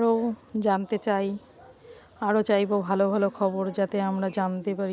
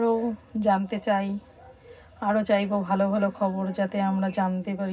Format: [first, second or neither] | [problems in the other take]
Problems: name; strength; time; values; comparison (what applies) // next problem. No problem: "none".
first | room echo; dies away in 0.4 s